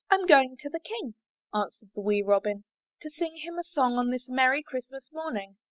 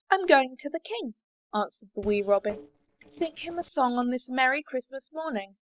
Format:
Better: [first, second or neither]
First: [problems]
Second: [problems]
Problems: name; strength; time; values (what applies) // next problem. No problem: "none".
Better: first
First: none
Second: noise reduction (neural separator model SepFormer DNS4)